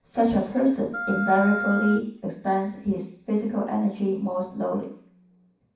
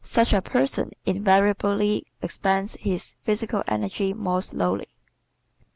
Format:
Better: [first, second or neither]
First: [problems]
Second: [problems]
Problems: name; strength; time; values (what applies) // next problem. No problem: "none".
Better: second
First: background sound (Wind instrument, woodwind instrument); 6 dB below the speech // room echo; dies away in 0.6 s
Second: none